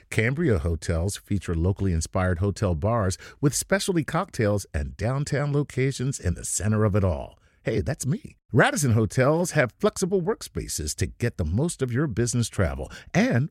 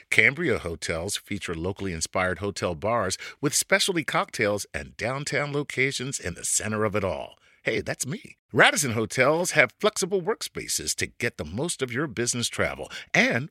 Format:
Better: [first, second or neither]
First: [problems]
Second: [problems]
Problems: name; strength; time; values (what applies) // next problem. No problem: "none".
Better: first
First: none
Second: thin; somewhat; fading below 950 Hz